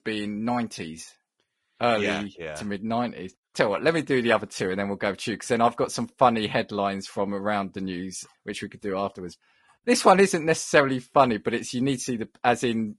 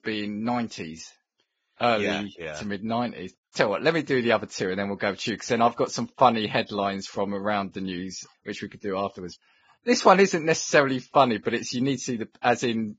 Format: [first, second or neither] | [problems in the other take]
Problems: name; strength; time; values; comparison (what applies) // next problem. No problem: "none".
first | garbled, watery; badly; slightly in the first